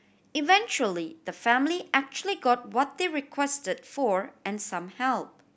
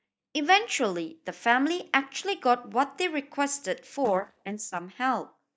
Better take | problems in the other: first | noise reduction (neural mask model DeepFilterNet 3)

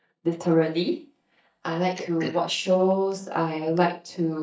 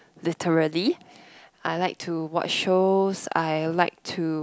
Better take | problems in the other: second | noise reduction (neural mask model DeepFilterNet 3)

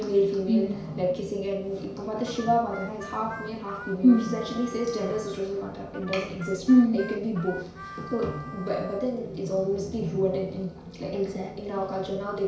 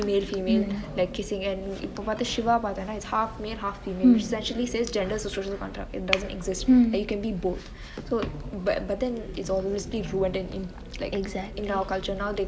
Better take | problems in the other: second | background sound (Harmonica); 16 dB below the speech // room echo; dies away in 0.6 s

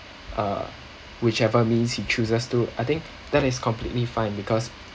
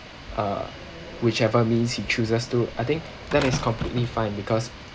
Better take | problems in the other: first | background sound (Slam); 12 dB below the speech

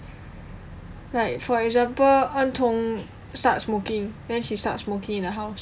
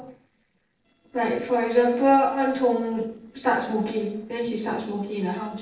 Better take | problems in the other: first | noise reduction (neural separator model SepFormer DNS4)

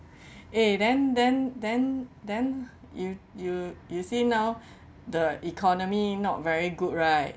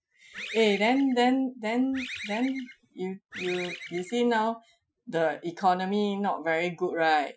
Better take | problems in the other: first | noise reduction (classical method Wiener filter)

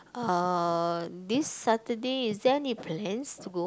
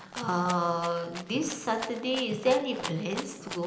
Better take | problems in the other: first | background sound (Rattle (instrument)); 12 dB below the speech // room echo; dies away in 0.8 s

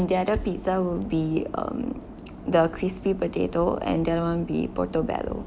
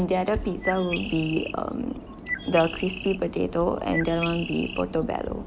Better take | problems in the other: first | background sound (Bird); 10 dB below the speech

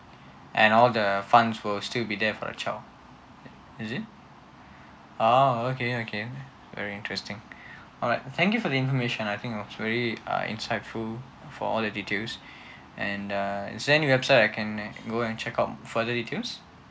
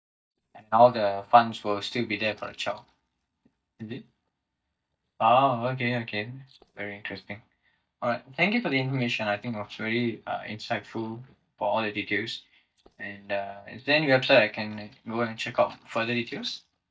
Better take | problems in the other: first | noise reduction (neural mask model DeepFilterNet 3)

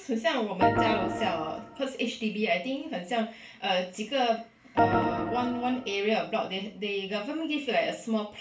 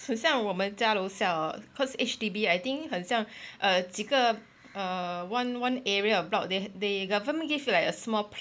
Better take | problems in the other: second | background sound (Organ); 2 dB above the speech // room echo; dies away in 0.3 s

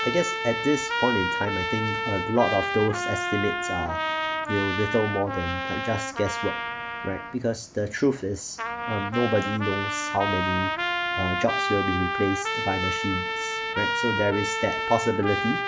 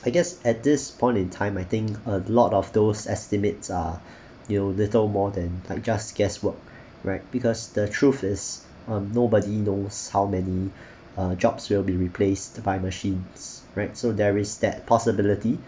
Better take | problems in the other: second | background sound (Trumpet); 1 dB below the speech

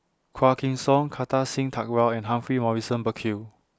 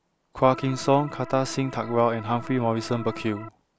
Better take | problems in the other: first | background sound (Organ); 14 dB below the speech

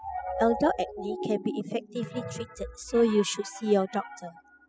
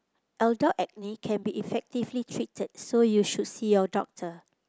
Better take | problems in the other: second | noise reduction (classical method spectral subtraction)

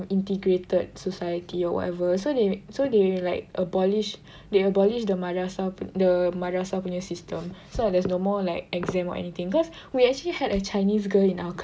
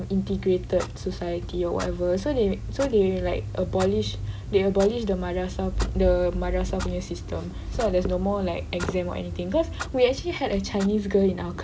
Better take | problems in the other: first | background sound (Clock); 7 dB below the speech

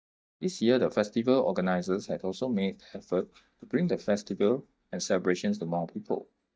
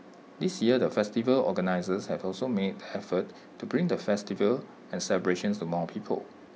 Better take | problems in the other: second | noise reduction (neural mask model DeepFilterNet 3)

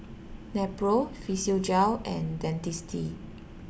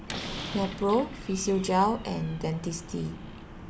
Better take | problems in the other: first | background sound (Slam); 13 dB below the speech

